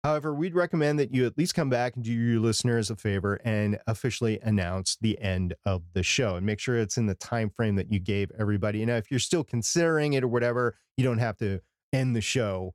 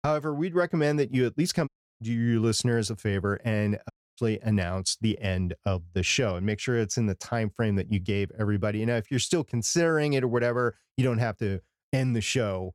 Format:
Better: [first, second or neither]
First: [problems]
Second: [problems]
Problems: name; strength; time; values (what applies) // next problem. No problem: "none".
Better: first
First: none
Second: audio cutting out; at 1.5 s and at 4 s